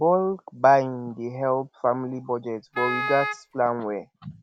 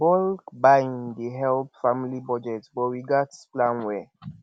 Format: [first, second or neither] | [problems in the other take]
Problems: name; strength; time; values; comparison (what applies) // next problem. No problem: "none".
second | background sound (Wind instrument, woodwind instrument); 6 dB below the speech